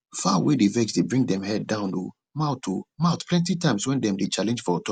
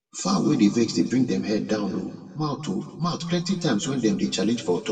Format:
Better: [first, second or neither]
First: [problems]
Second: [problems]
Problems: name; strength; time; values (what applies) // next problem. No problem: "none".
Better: first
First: none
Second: room echo; dies away in 1.5 s